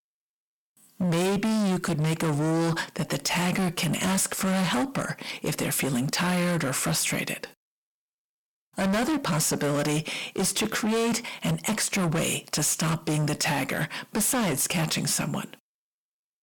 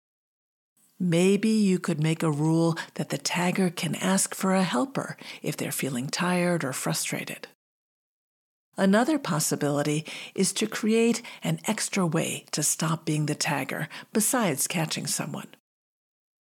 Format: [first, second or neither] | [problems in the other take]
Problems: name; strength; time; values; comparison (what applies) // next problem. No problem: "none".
second | distortion; heavy; 24% of the sound clipped